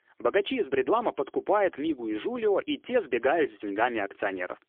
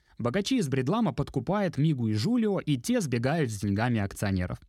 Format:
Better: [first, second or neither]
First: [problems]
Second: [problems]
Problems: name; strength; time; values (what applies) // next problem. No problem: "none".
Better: second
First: phone-call audio; poor line; nothing above 3.5 kHz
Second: none